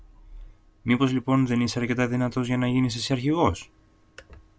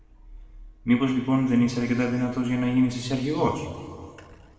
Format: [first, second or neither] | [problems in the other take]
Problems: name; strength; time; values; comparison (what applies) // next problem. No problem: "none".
first | room echo; dies away in 1.9 s